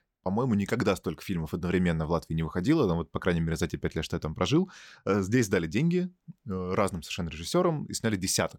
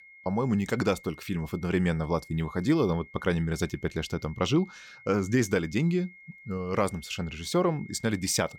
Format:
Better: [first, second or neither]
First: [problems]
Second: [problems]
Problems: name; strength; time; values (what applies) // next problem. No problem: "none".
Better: first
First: none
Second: high-pitched whine; faint; throughout; 2 kHz, 20 dB below the speech